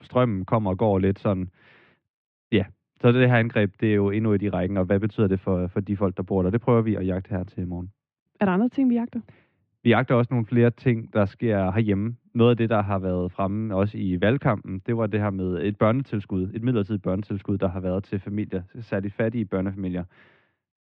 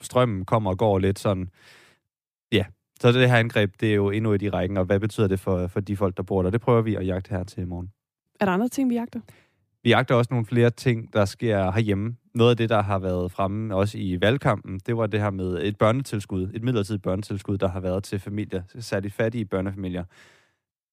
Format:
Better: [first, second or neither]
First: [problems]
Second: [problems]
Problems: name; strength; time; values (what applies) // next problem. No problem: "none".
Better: second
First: muffled; very; fading above 3 kHz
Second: none